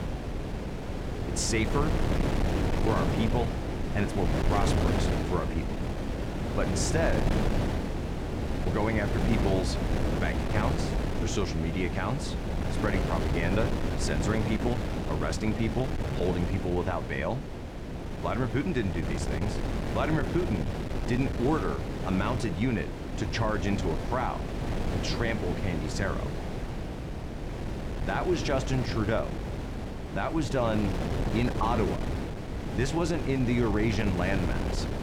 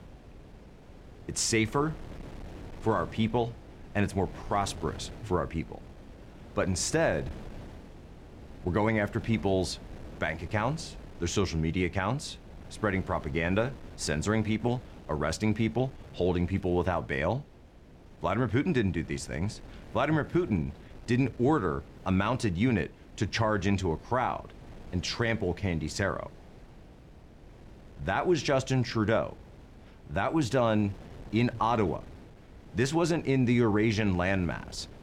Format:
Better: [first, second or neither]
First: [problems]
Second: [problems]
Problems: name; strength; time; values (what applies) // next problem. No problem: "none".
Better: second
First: wind noise on the microphone; heavy; 3 dB below the speech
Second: wind noise on the microphone; occasional gusts; 20 dB below the speech